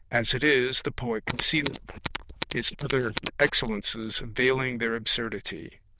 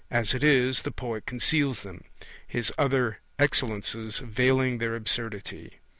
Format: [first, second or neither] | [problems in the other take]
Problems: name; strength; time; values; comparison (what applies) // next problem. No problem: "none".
second | noise reduction (neural diffusion model UNIVERSE++)